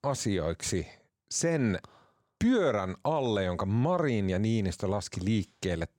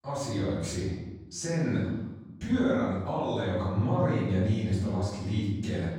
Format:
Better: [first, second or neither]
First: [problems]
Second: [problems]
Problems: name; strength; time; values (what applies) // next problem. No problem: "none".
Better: first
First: none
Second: off-mic speech; far // room echo; strong; dies away in 1.1 s